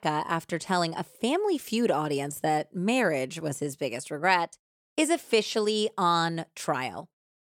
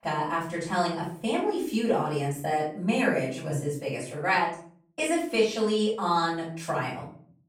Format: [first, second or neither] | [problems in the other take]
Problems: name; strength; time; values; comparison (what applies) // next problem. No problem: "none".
first | off-mic speech; far // room echo; noticeable; dies away in 0.5 s